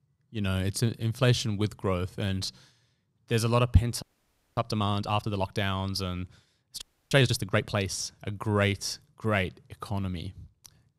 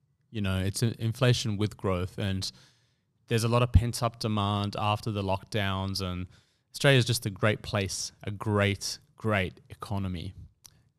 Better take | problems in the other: second | audio freezing; at 4 s for 0.5 s and at 7 s

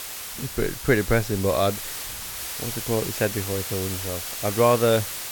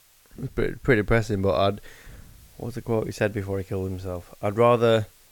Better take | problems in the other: second | hiss; loud; throughout; 6 dB below the speech; faint in the second

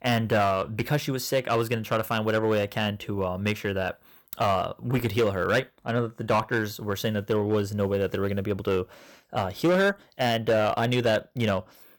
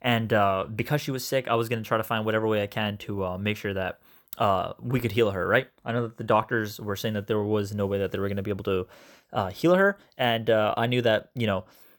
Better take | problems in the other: second | distortion; slight; 5% of the sound clipped

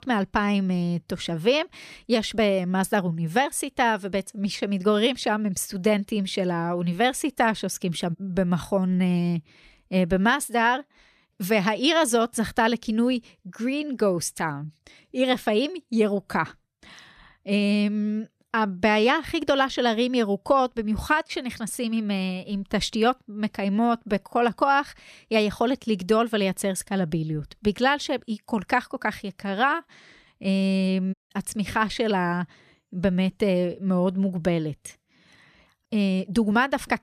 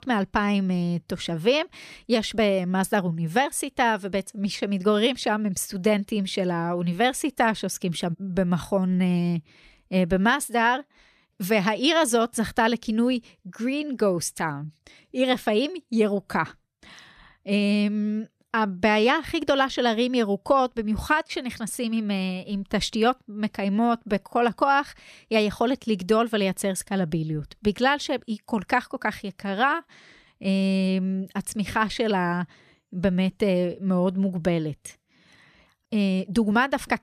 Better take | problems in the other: second | audio cutting out; at 31 s

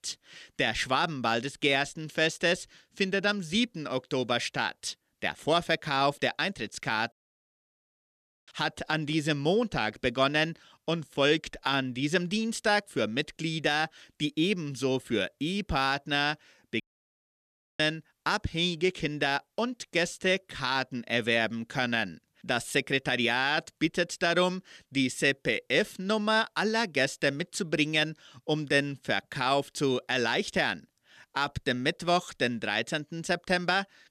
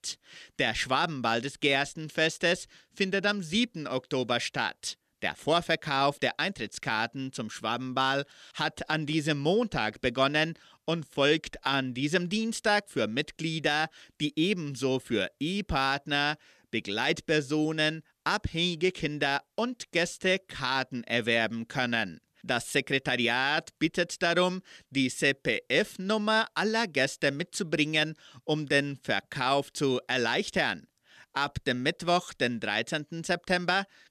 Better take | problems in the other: second | audio cutting out; at 7 s for 1.5 s and at 17 s for 1 s

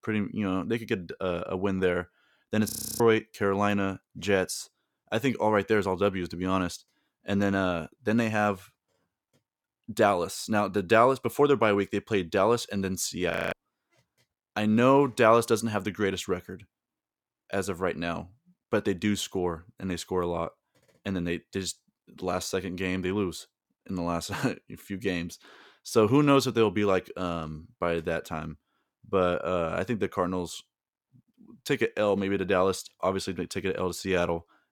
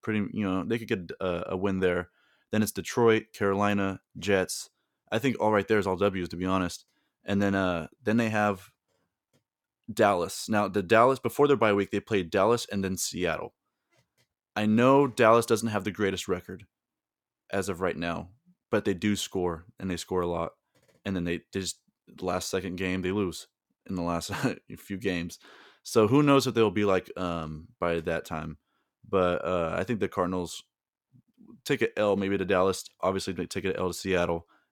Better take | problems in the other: second | audio freezing; at 2.5 s and at 13 s

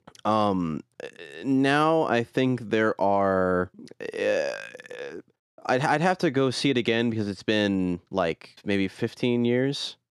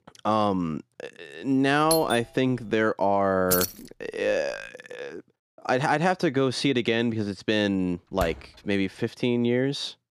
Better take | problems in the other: first | doorbell; noticeable; at 2 s; peak 3 dB below the speech // jangling keys; noticeable; at 3.5 s; peak 1 dB below the speech // door banging; faint; at 8 s; peak 10 dB below the speech

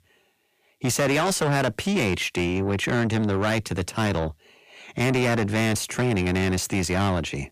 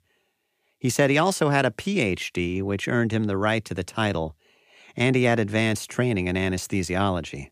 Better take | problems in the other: second | distortion; heavy; 8 dB below the speech

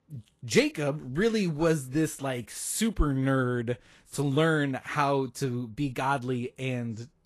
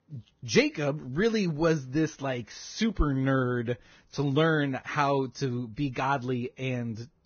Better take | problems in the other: first | garbled, watery; badly; nothing above 6.5 kHz; slightly in the first

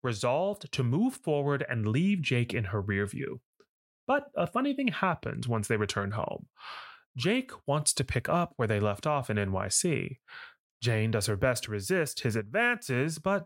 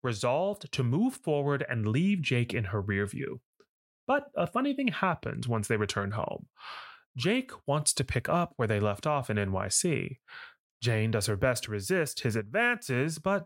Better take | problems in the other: neither | none

